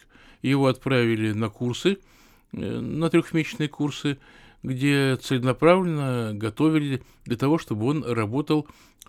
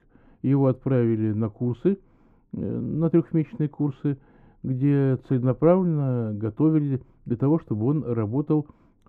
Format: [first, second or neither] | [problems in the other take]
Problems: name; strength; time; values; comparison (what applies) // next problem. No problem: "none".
first | muffled; very; fading above 2 kHz